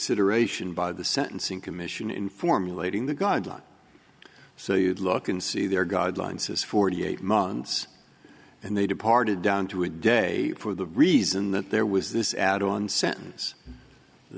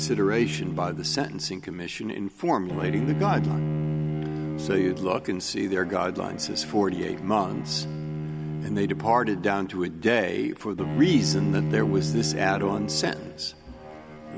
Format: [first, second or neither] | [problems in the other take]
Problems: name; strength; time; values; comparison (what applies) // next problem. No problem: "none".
first | background sound (Bowed string instrument); 4 dB below the speech